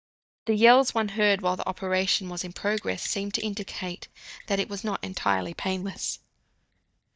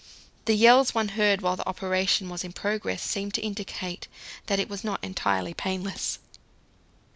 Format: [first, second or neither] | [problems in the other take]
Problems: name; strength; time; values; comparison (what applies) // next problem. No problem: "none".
second | noise reduction (neural mask model DeepFilterNet 3)